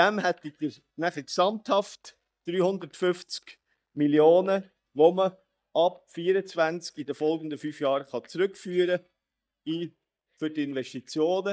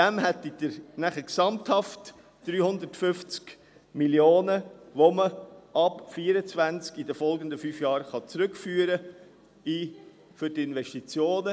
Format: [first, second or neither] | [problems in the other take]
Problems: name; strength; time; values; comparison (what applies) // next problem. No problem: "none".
second | noise reduction (neural mask model DeepFilterNet 3)